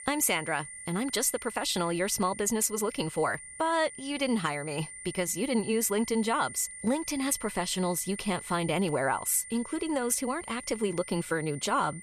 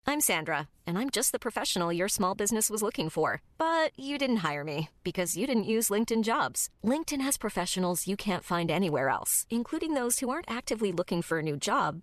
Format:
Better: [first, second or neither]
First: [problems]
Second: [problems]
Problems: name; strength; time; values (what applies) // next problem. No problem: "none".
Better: second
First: high-pitched whine; noticeable; throughout; 9 kHz, 10 dB below the speech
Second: none